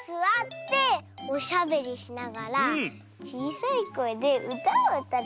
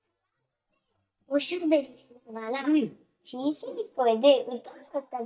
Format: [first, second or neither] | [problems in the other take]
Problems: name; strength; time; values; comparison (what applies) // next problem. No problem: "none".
first | noise reduction (neural mask model DeepFilterNet 3)